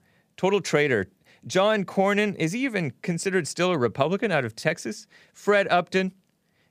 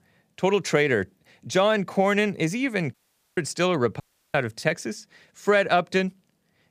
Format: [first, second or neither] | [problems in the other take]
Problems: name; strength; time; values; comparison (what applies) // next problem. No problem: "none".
first | audio cutting out; at 3 s and at 4 s